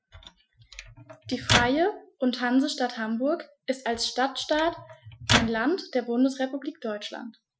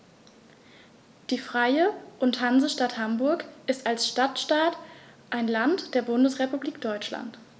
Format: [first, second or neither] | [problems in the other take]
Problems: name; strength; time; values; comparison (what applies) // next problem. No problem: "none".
second | noise reduction (classical method Wiener filter)